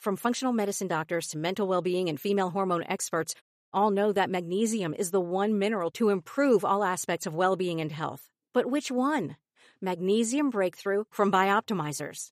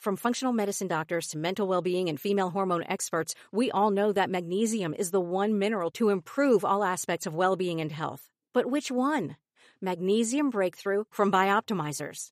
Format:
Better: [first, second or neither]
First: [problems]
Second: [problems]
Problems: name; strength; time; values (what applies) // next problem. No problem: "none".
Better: second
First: audio cutting out; at 3.5 s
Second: none